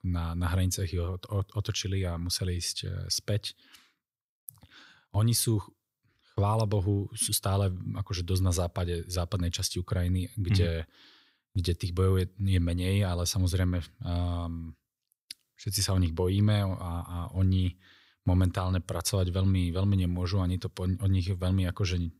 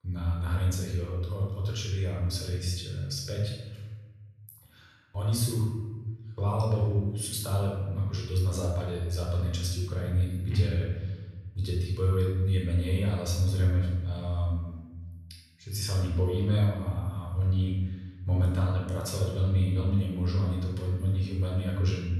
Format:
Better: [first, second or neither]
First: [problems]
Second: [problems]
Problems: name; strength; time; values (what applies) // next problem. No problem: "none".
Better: first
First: none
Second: off-mic speech; far // room echo; noticeable; dies away in 1.2 s